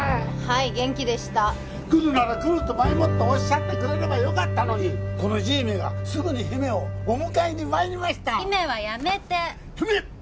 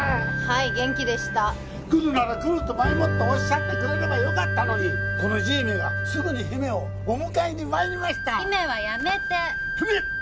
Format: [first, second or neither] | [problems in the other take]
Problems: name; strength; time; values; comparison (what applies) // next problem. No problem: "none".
first | background sound (Wind instrument, woodwind instrument); 6 dB below the speech